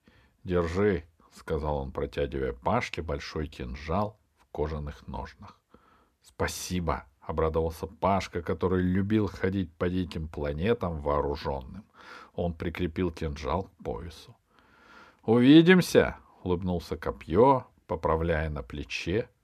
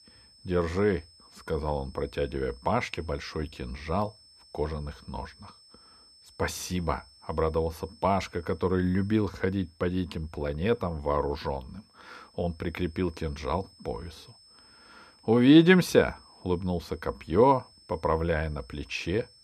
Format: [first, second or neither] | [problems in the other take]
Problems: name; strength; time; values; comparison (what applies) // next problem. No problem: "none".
first | high-pitched whine; faint; throughout; 5.5 kHz, 25 dB below the speech